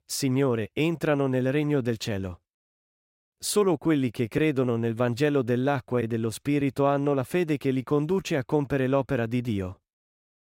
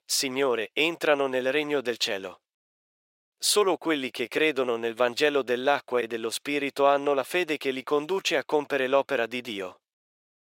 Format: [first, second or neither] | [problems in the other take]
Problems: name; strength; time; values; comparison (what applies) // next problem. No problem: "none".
first | thin; somewhat; fading below 550 Hz